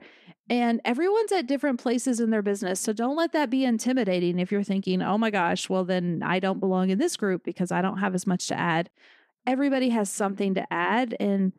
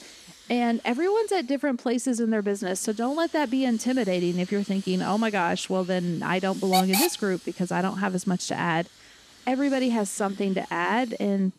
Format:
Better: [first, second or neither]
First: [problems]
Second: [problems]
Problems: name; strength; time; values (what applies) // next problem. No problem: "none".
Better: first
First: none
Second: hiss; loud; throughout; 7 dB below the speech